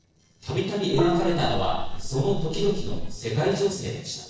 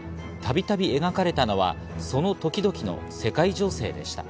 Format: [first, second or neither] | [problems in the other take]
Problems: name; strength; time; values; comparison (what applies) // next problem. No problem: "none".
second | noise reduction (neural separator model SepFormer DNS4)